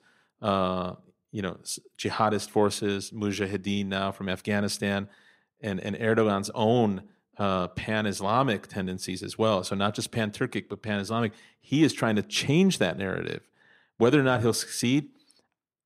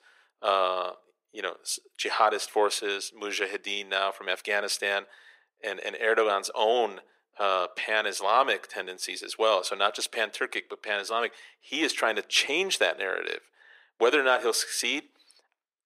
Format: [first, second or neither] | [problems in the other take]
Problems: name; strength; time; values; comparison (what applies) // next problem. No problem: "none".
first | thin; very; fading below 450 Hz